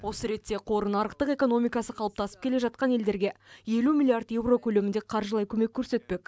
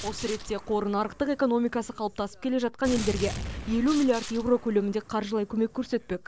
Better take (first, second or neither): first